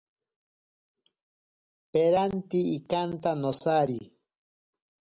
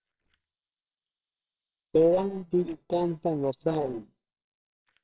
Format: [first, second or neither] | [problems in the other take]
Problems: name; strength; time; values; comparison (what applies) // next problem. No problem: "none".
first | noise reduction (neural separator model SepFormer WHAMR!)